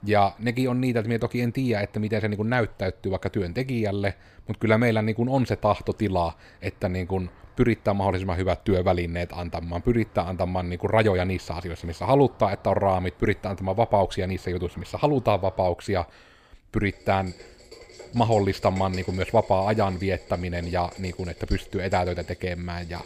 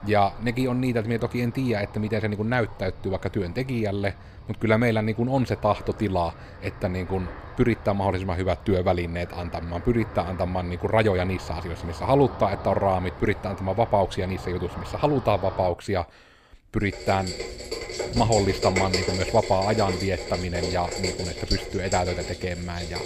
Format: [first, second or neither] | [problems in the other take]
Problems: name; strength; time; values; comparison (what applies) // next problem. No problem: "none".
first | rain or running water; loud; throughout; 9 dB below the speech; faint in the first